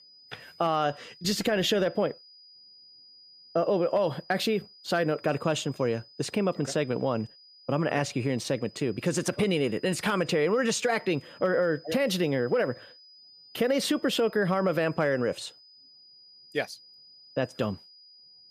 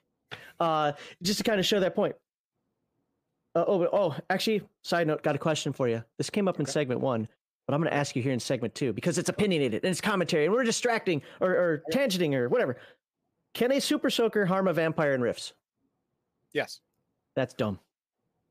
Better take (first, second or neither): second